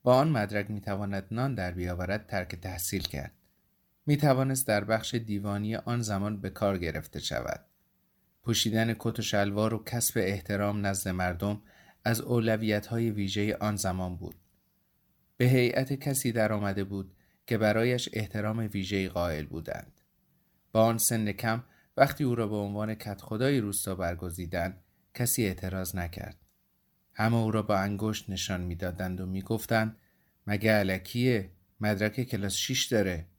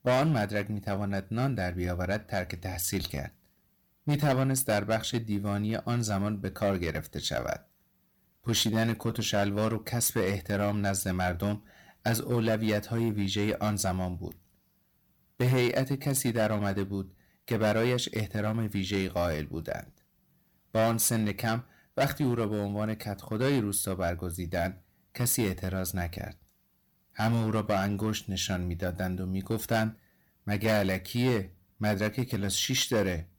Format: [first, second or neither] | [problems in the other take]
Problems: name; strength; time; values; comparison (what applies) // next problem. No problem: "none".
first | distortion; slight; 5% of the sound clipped